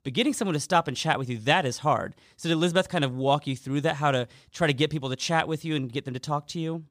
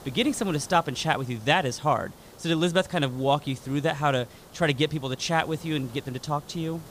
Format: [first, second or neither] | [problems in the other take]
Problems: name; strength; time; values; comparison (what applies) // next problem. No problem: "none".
first | hiss; faint; throughout; 20 dB below the speech